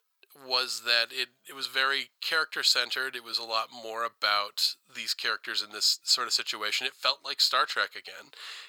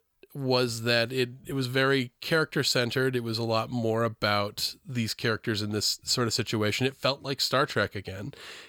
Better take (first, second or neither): second